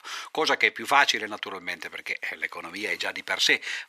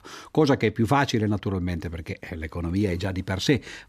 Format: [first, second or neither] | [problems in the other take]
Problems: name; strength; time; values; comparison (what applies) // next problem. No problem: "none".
second | thin; very; fading below 850 Hz